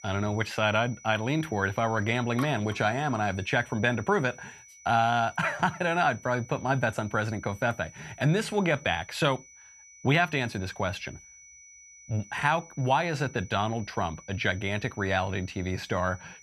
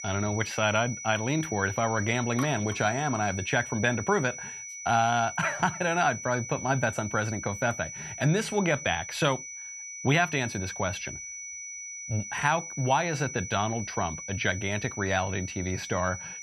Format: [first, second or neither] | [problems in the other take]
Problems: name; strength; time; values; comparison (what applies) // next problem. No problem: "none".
first | high-pitched whine; loud; throughout; 6 kHz, 9 dB below the speech; faint in the first